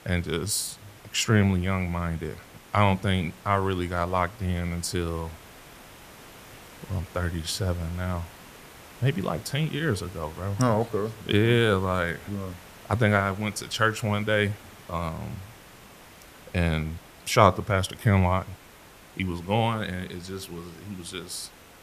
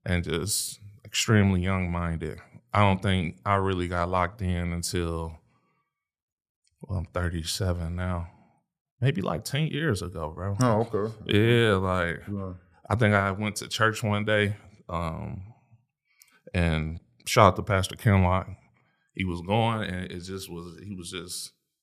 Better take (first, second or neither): second